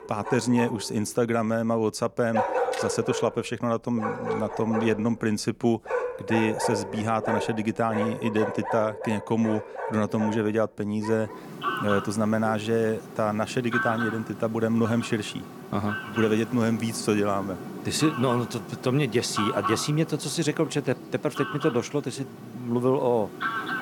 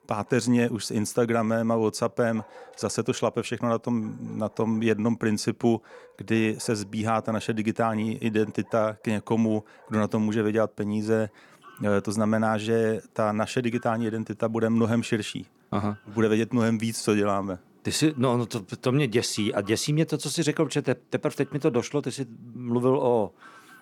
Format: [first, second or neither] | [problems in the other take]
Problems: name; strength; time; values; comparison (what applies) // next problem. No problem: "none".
second | animal sounds; loud; throughout; 7 dB below the speech; faint in the second